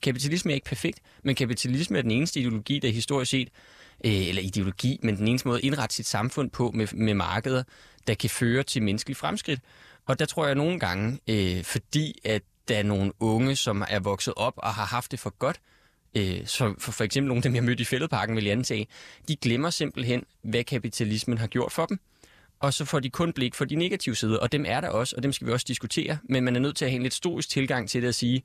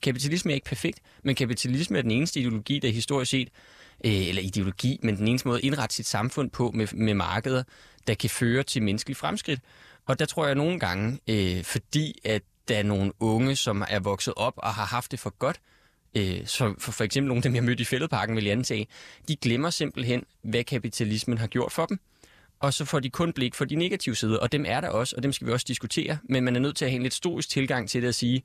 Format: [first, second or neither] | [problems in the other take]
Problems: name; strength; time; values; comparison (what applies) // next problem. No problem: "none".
neither | none